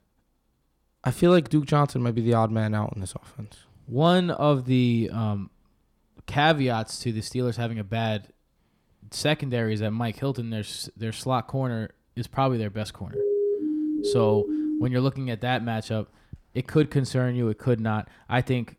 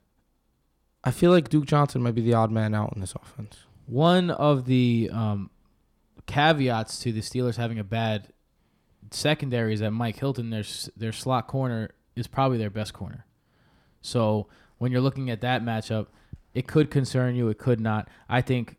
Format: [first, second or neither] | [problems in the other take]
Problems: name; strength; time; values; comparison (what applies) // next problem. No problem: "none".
second | siren; loud; from 13 to 15 s; peak 1 dB above the speech